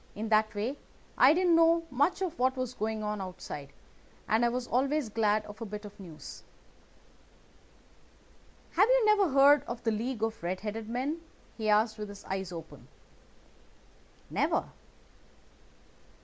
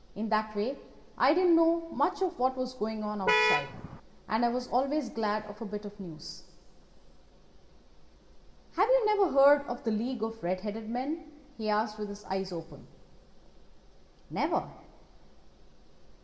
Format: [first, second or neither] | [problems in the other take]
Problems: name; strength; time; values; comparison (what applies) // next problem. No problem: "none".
first | background sound (Vehicle horn, car horn, honking); 3 dB above the speech // room echo; dies away in 1.4 s